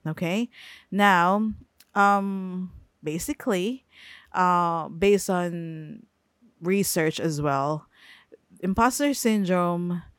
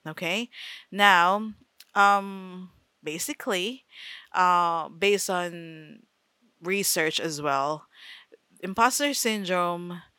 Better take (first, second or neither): first